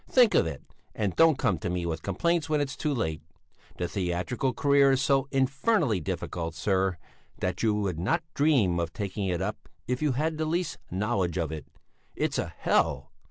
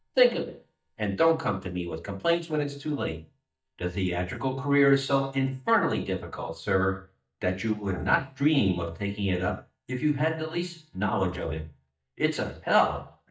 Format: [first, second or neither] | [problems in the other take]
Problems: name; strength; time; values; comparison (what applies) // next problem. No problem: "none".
first | noise reduction (neural mask model DeepFilterNet 3)